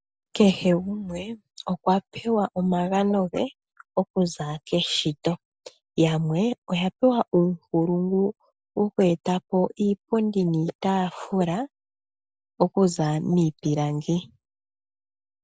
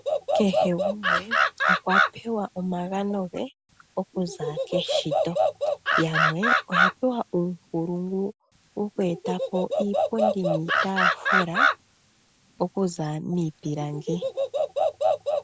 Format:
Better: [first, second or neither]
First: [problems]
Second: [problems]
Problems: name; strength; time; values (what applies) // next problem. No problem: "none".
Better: first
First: none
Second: background sound (Animal); 3 dB above the speech